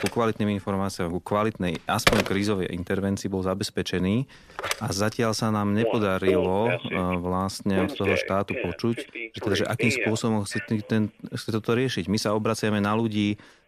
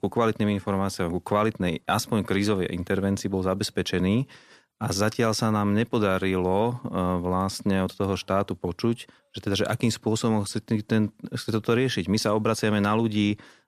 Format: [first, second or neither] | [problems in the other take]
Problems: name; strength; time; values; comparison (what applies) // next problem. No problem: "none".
second | alarms or sirens; loud; throughout; 3 dB below the speech